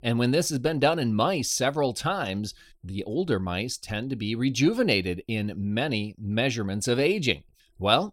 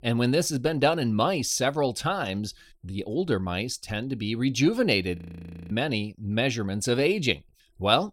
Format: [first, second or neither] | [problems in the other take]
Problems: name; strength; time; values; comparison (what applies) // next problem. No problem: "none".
first | audio freezing; at 5 s for 0.5 s